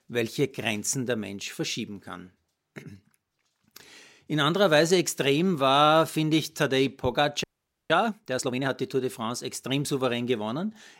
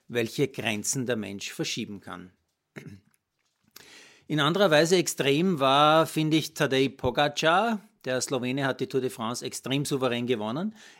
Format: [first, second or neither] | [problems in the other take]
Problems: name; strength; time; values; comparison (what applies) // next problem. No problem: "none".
second | audio freezing; at 7.5 s